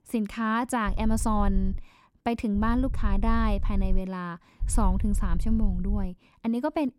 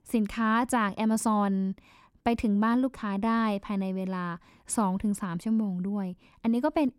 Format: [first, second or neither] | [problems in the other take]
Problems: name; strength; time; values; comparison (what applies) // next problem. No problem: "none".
second | low rumble; faint; at 1 s, from 2.5 to 4 s and from 4.5 to 6 s; 20 dB below the speech